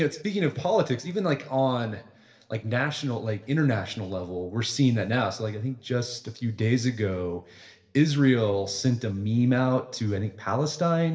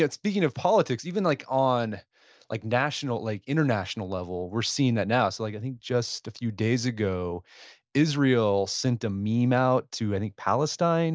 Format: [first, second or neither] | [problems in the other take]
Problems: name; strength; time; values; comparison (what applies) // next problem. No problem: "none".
second | room echo; dies away in 0.7 s